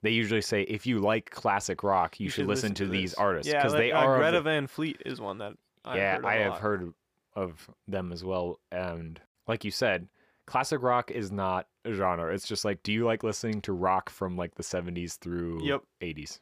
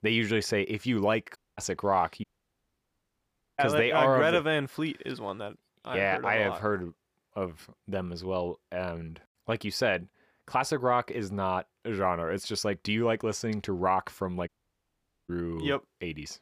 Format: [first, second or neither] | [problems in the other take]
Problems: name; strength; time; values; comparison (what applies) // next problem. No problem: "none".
first | audio cutting out; at 1.5 s, at 2 s for 1.5 s and at 14 s for 1 s